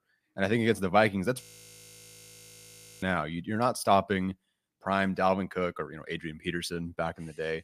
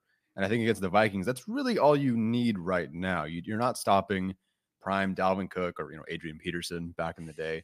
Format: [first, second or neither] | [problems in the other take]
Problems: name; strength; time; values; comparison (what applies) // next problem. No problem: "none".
second | audio freezing; at 1.5 s for 1.5 s